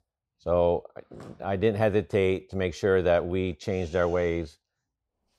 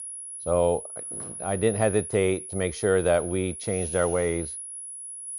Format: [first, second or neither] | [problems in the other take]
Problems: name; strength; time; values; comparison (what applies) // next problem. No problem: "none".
first | high-pitched whine; loud; throughout; 10.5 kHz, 9 dB below the speech